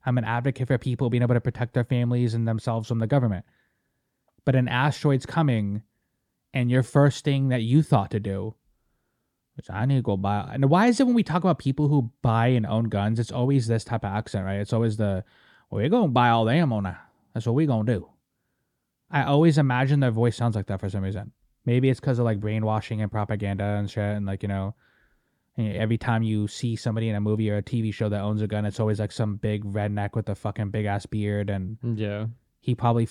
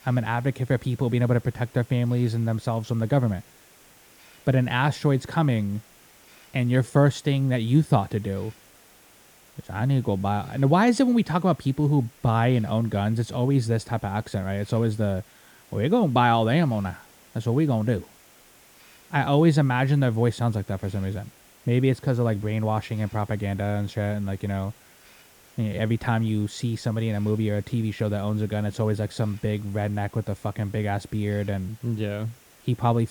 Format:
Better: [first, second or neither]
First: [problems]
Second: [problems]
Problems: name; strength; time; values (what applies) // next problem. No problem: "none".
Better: first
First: none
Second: hiss; faint; throughout; 25 dB below the speech